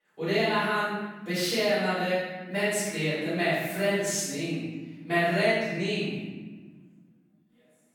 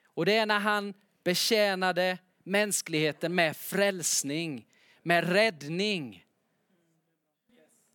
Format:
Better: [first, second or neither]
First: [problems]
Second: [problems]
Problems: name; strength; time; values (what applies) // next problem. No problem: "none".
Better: second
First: off-mic speech; far // room echo; strong; dies away in 1.4 s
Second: none